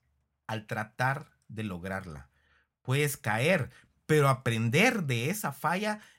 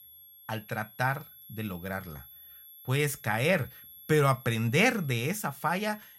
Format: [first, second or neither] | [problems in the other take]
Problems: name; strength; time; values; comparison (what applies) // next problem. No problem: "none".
first | high-pitched whine; noticeable; throughout; 11.5 kHz, 20 dB below the speech